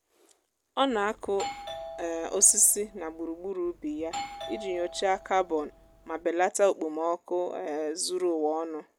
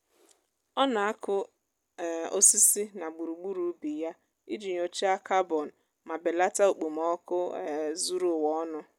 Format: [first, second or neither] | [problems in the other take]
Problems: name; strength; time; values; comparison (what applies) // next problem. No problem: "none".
second | background sound (Doorbell); 13 dB below the speech